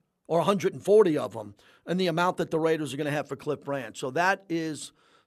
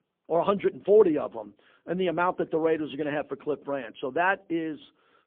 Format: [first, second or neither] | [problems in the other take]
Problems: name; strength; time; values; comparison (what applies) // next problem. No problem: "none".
first | phone-call audio; poor line; nothing above 3.5 kHz